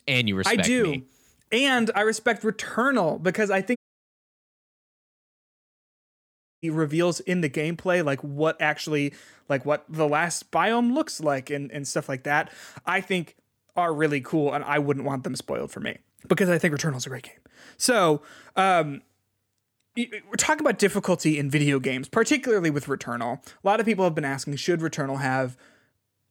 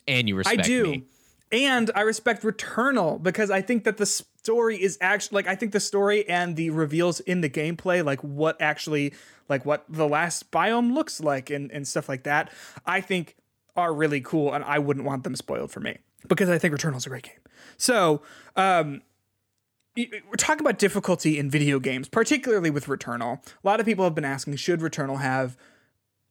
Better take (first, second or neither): second